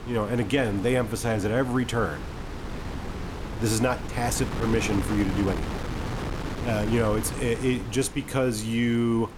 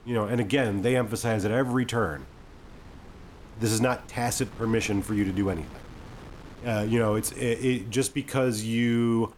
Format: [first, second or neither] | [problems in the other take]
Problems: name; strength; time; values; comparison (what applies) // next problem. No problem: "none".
second | wind noise on the microphone; heavy; 9 dB below the speech; occasional gusts in the second